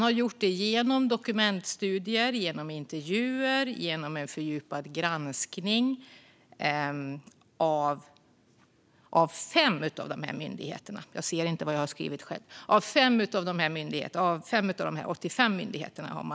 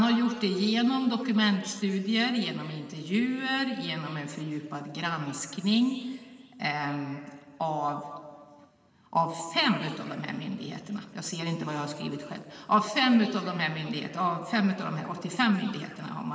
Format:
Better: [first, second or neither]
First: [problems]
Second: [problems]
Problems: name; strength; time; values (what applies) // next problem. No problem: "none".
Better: first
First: none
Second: room echo; dies away in 2 s